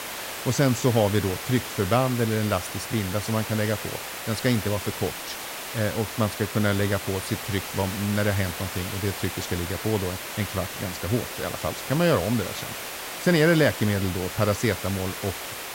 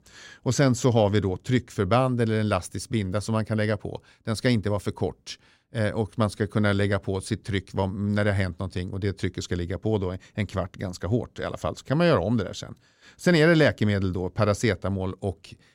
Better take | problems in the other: second | hiss; loud; throughout; 6 dB below the speech

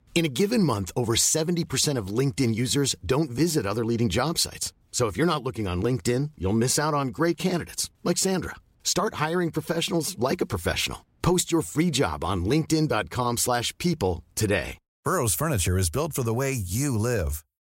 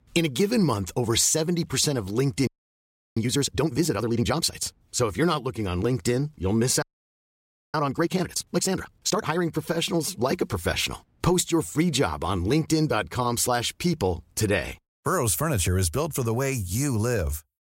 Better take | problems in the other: first | audio freezing; at 2.5 s for 0.5 s and at 7 s for 1 s

